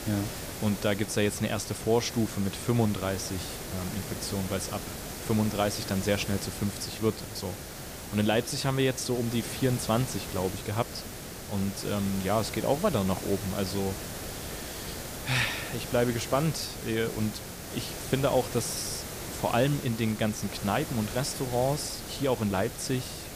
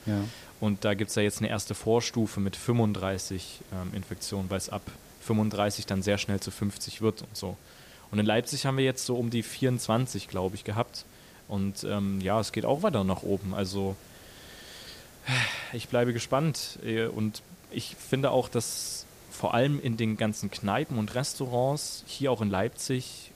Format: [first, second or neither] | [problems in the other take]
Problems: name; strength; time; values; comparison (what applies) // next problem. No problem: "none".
second | hiss; loud; throughout; 8 dB below the speech; faint in the second